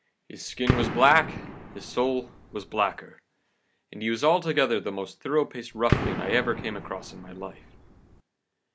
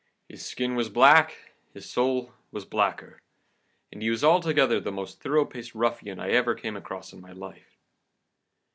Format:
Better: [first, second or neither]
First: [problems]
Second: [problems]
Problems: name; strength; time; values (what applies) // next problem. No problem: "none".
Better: second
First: background sound (Gunshot, gunfire); 4 dB below the speech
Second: none